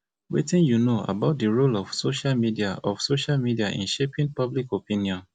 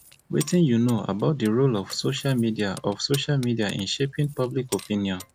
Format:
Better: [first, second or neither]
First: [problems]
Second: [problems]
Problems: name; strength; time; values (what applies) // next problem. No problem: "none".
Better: first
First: none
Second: background sound (Keys jangling); 20 dB below the speech